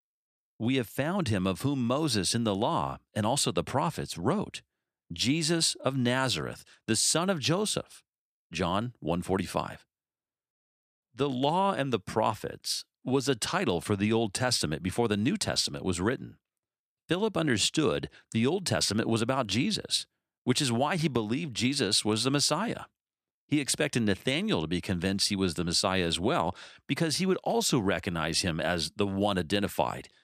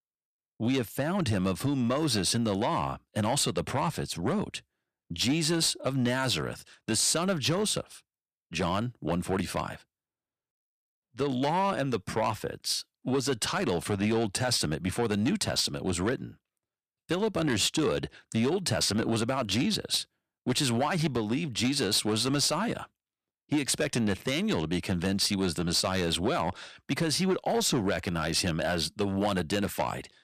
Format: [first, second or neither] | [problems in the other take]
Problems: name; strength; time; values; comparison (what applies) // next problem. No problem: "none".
first | distortion; slight; 10 dB below the speech